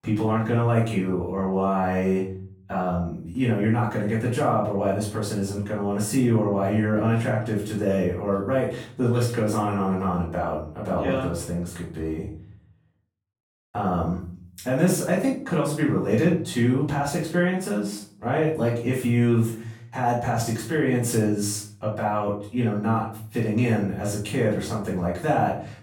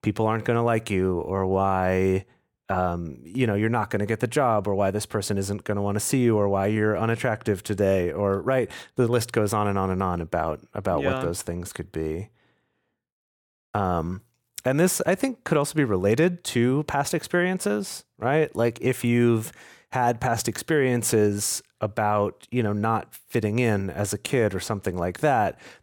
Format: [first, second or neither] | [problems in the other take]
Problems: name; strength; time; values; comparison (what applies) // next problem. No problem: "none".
second | off-mic speech; far // room echo; noticeable; dies away in 0.5 s